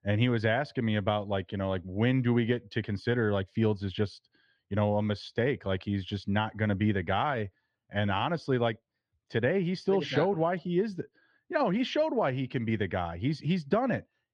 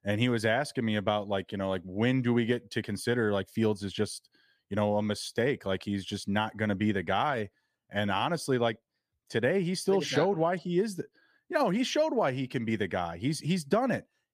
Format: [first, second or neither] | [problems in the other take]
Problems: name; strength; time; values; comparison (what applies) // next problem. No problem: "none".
second | muffled; very slightly; fading above 4 kHz